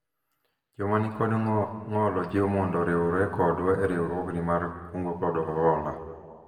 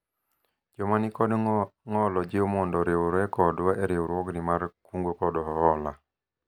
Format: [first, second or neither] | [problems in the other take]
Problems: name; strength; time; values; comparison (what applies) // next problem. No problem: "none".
second | room echo; dies away in 1.9 s